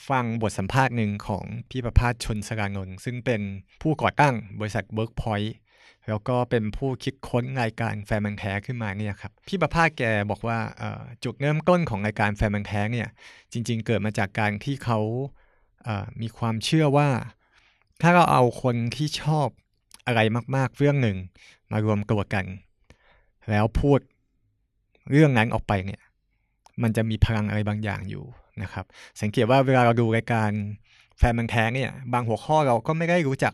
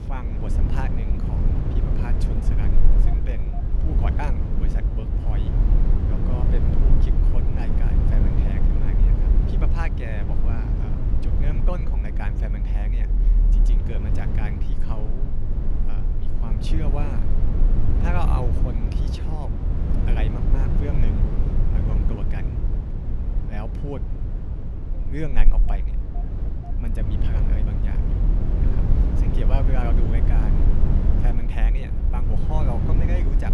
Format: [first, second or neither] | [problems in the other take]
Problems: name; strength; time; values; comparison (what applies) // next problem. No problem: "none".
first | low rumble; loud; throughout; as loud as the speech